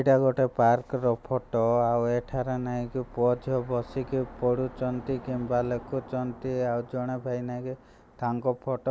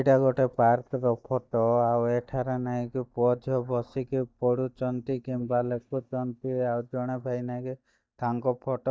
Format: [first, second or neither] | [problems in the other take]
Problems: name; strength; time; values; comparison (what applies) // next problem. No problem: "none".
first | noise reduction (neural mask model DeepFilterNet 3)